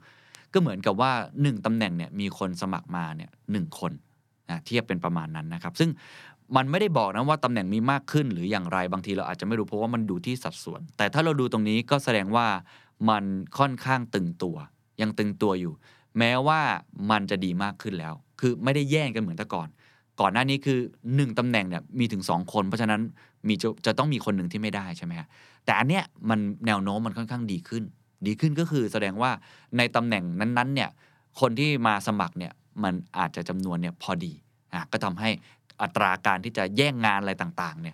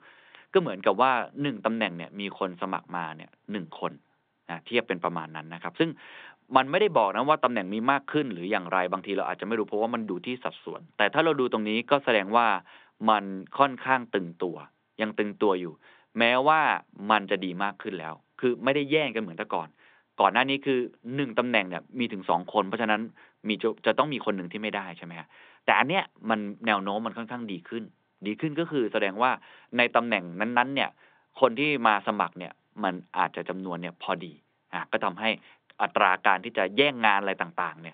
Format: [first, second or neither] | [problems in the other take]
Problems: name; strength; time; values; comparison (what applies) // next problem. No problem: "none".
first | phone-call audio; nothing above 3.5 kHz